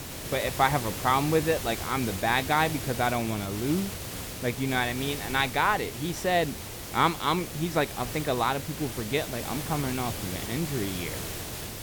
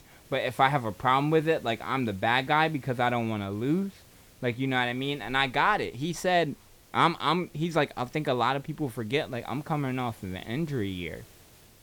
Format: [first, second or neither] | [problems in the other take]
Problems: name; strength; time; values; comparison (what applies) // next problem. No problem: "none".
second | hiss; loud; throughout; 7 dB below the speech; faint in the second